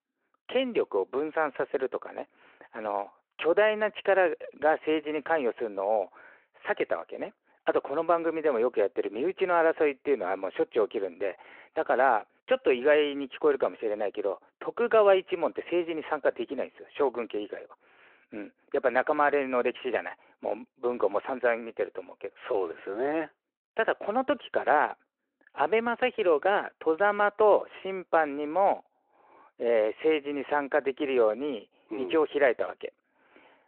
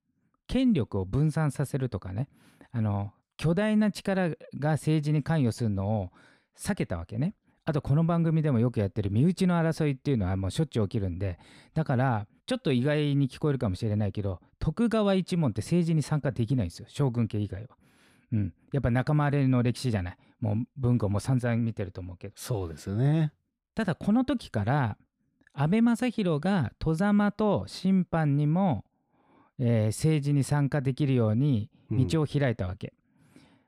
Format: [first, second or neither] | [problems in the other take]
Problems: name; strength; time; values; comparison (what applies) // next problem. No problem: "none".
second | phone-call audio